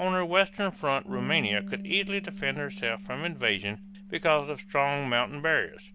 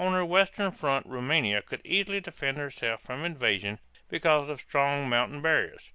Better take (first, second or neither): second